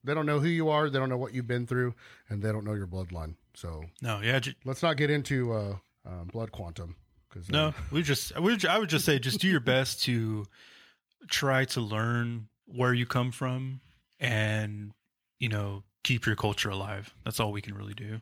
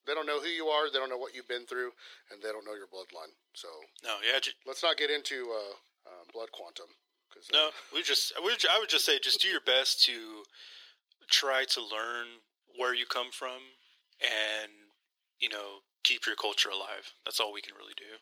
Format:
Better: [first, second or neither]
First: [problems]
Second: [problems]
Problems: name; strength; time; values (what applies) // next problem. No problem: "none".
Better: first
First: none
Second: thin; very; fading below 350 Hz